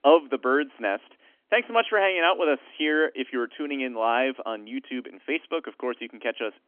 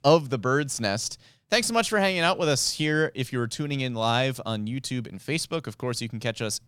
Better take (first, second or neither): second